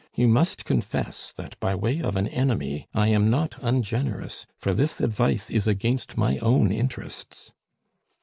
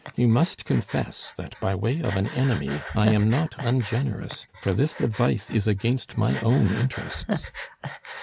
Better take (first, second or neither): first